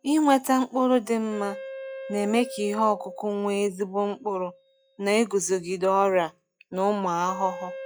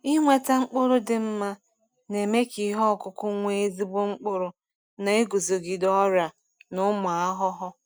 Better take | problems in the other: second | noise reduction (classical method log-MMSE)

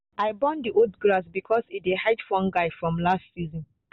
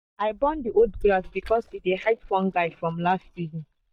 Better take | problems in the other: first | noise reduction (neural mask model DeepFilterNet 3)

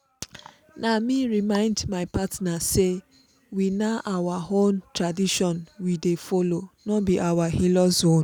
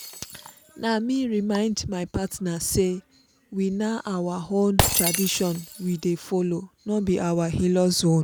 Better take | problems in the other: first | background sound (Shatter); 8 dB below the speech

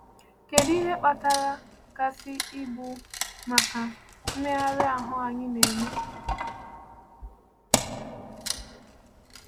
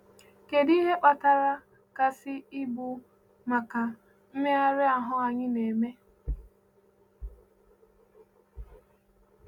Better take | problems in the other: second | background sound (Wood); 2 dB below the speech

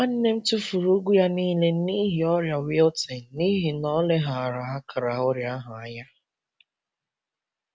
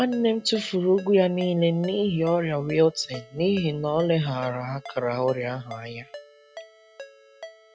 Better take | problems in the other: first | background sound (Ringtone); 20 dB below the speech

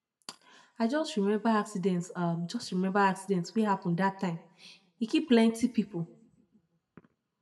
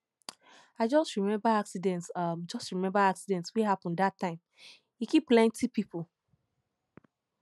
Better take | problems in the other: second | room echo; dies away in 0.5 s

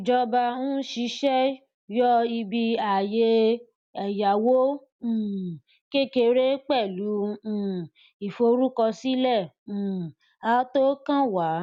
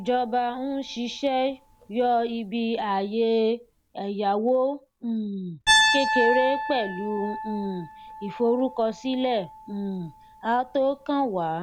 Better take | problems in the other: first | background sound (Piano); 5 dB below the speech

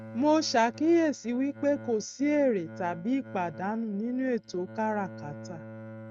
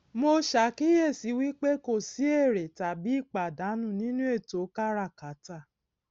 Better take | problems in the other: second | noise reduction (neural mask model RNNoise)

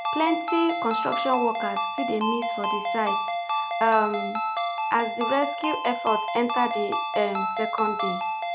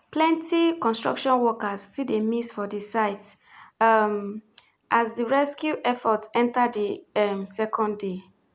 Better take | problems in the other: second | background sound (Ringtone); 1 dB below the speech

